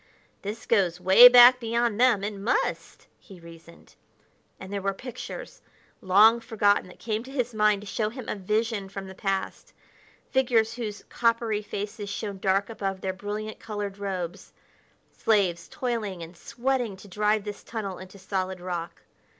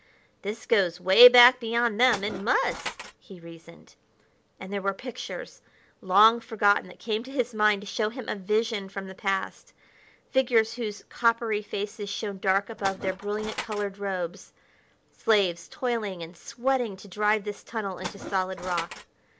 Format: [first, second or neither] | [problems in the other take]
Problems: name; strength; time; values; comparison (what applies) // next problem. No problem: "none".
first | background sound (Tools); 11 dB below the speech